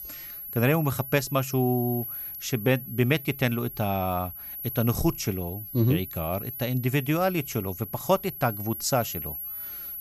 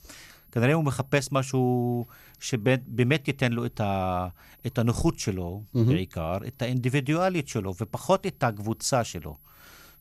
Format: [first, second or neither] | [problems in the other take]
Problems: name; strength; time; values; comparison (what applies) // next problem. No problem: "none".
second | high-pitched whine; loud; throughout; 11.5 kHz, 8 dB below the speech; faint in the second